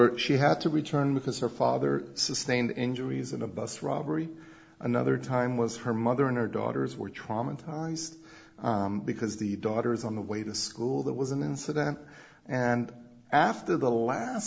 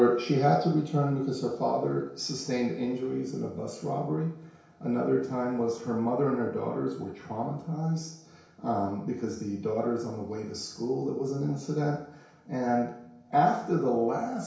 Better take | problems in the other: first | room echo; dies away in 0.6 s

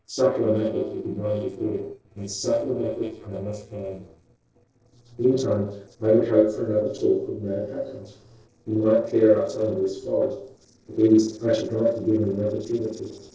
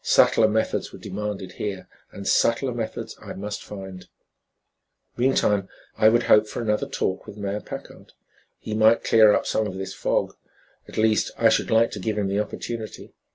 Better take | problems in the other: second | noise reduction (neural separator model SepFormer DNS4)

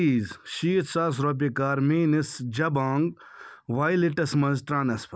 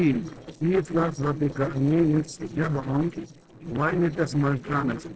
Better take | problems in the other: first | noise reduction (neural separator model SepFormer DNS4)

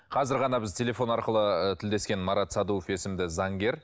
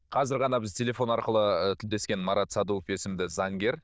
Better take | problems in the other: first | noise reduction (neural diffusion model UNIVERSE++)

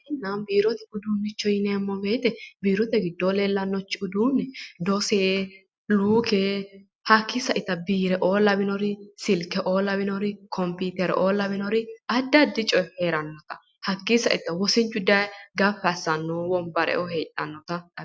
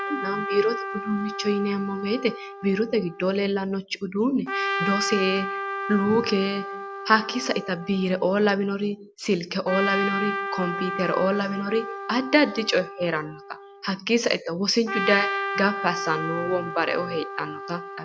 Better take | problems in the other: first | background sound (Trumpet); 7 dB below the speech

